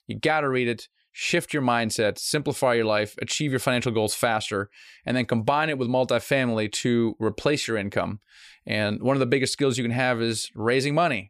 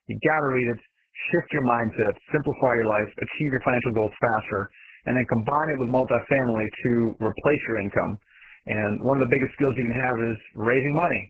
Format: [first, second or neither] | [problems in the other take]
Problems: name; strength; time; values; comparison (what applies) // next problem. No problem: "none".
first | garbled, watery; badly; nothing above 2.5 kHz